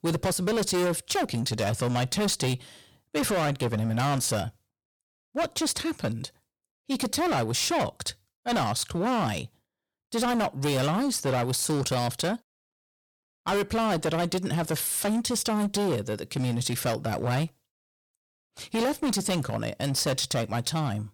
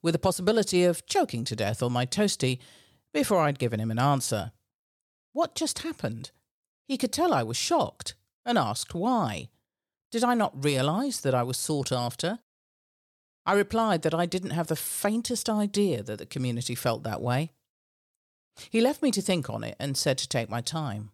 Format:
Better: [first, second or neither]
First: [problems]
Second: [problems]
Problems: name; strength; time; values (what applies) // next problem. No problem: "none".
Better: second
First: distortion; heavy; 18% of the sound clipped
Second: none